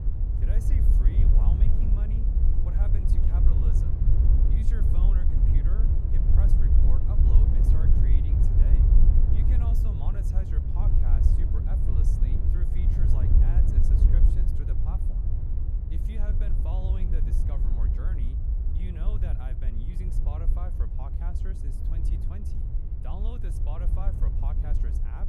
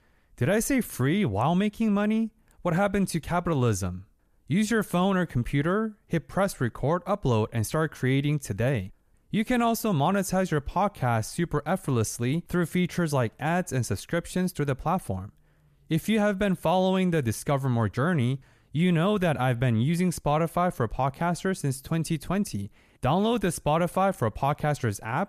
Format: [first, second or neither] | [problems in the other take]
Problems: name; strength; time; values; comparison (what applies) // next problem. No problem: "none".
second | wind noise on the microphone; heavy; 4 dB above the speech